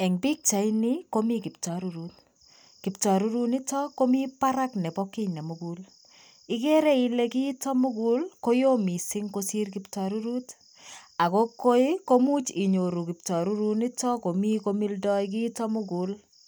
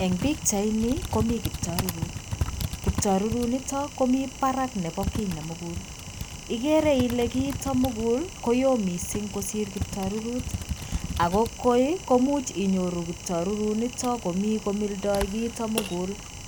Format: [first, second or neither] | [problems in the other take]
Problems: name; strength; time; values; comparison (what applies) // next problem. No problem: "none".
first | background sound (Typing); 7 dB below the speech